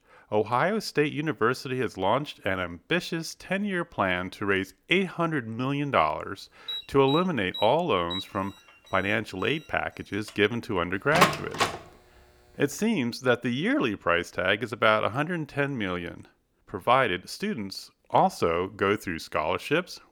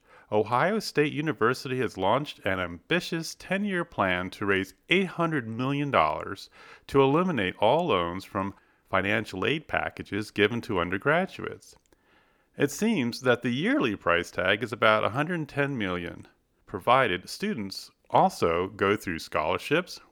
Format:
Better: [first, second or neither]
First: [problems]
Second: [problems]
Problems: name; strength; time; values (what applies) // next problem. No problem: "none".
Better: second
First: alarm; noticeable; from 6.5 to 10 s; peak 8 dB below the speech // door banging; loud; at 11 s; peak 4 dB above the speech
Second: none